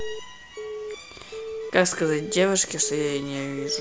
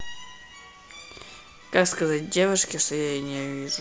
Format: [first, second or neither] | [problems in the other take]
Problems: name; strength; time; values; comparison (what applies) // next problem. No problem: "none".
second | background sound (Alarm / Keyboard (musical)); 10 dB below the speech